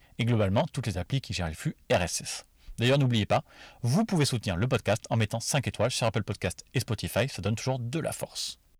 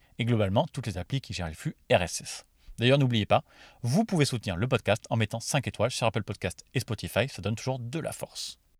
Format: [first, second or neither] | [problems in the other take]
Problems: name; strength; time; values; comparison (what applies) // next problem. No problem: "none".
second | distortion; slight; 10 dB below the speech